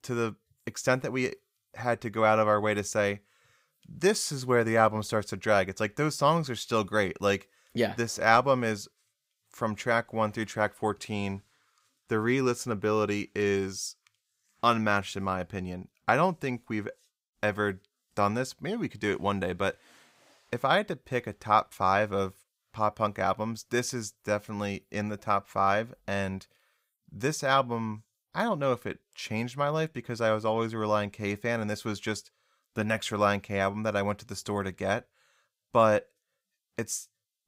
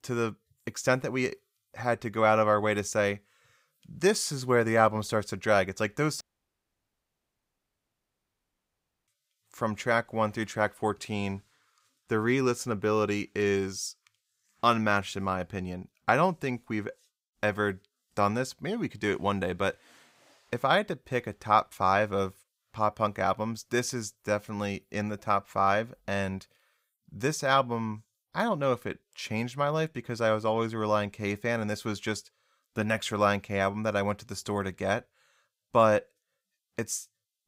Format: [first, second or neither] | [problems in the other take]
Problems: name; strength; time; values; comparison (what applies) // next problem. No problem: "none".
first | audio cutting out; at 6 s for 3 s